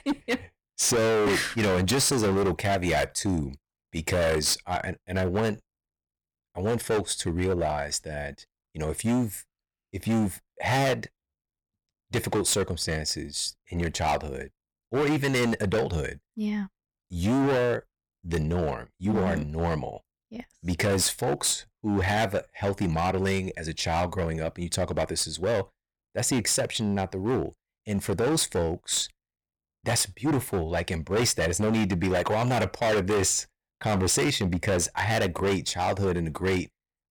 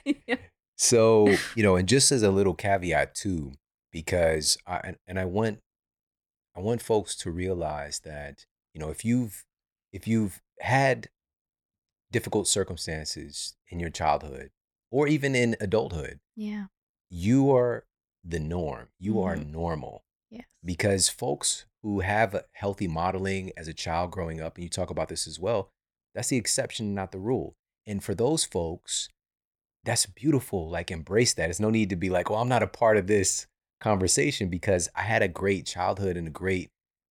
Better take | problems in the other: second | distortion; heavy; 15% of the sound clipped

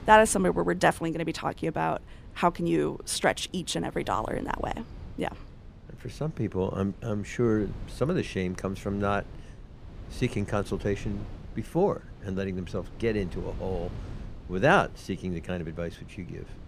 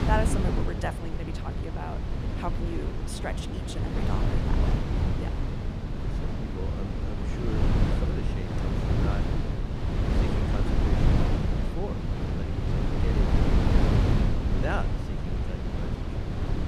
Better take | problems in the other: first | wind noise on the microphone; heavy; 3 dB above the speech; occasional gusts in the first

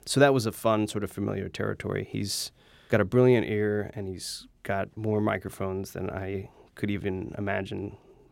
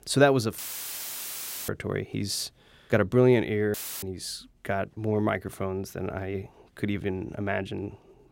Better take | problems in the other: first | audio cutting out; filled with static; at 0.5 s for 1 s and at 3.5 s

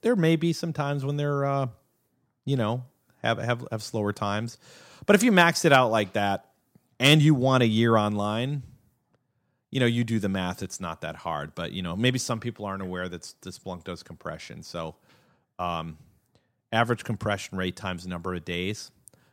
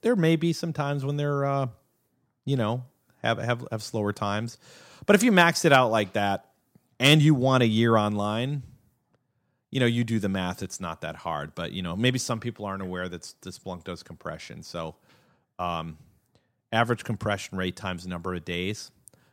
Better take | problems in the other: neither | none

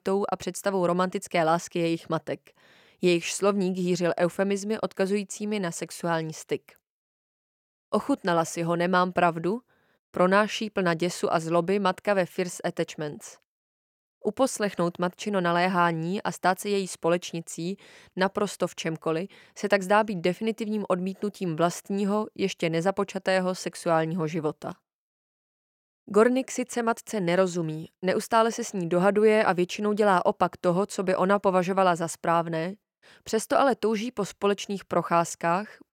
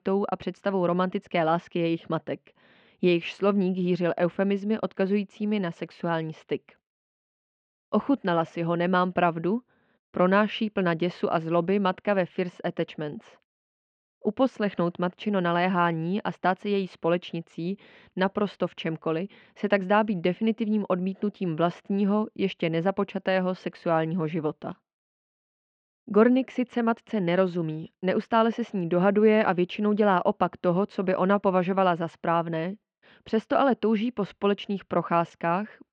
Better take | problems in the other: first | muffled; slightly; fading above 3.5 kHz

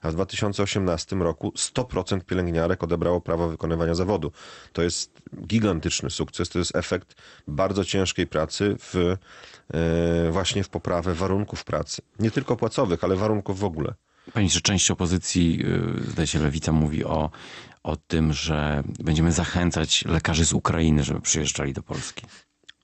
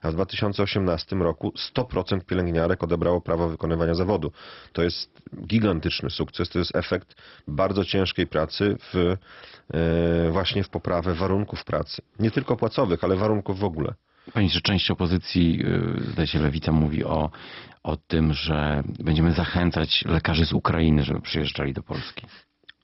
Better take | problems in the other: first | garbled, watery; badly; nothing above 5.5 kHz; slightly in the first

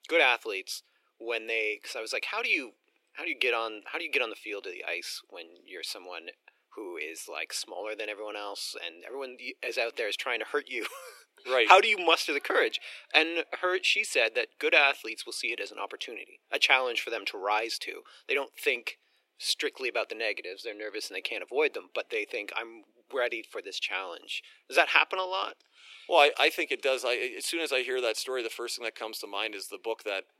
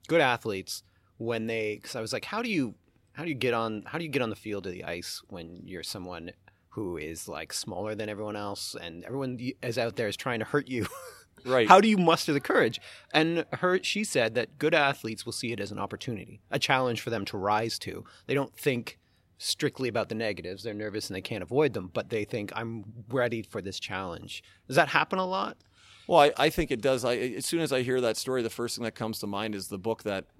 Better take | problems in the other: second | thin; very; fading below 350 Hz

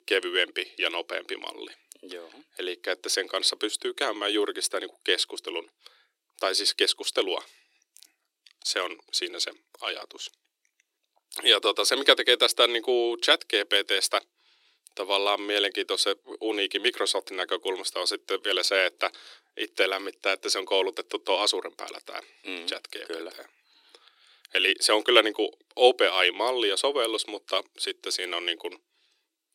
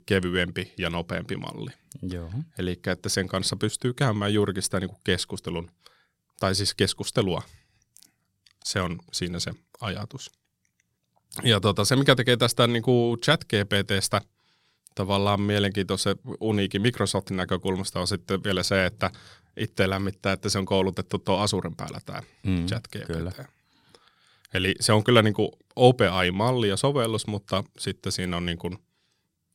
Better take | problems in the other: second | thin; very; fading below 300 Hz

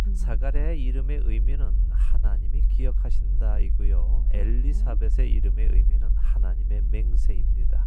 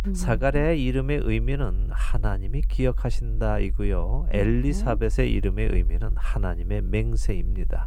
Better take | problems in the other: second | low rumble; loud; throughout; 6 dB below the speech; faint in the second

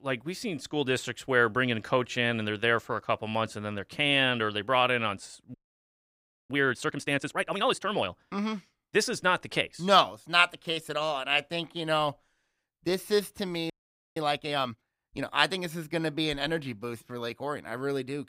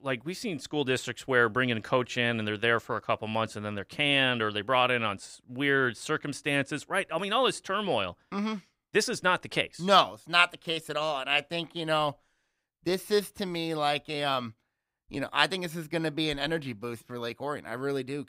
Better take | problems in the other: second | audio freezing; at 5.5 s for 1 s and at 14 s

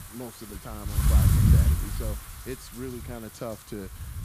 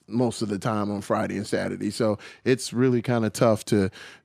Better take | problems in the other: second | wind noise on the microphone; heavy; 4 dB above the speech

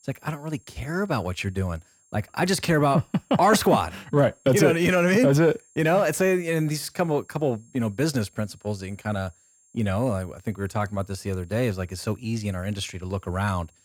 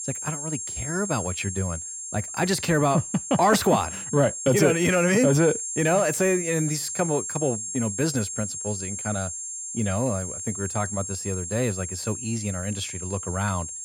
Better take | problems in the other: first | high-pitched whine; loud; throughout; 7.5 kHz, 5 dB below the speech; faint in the first

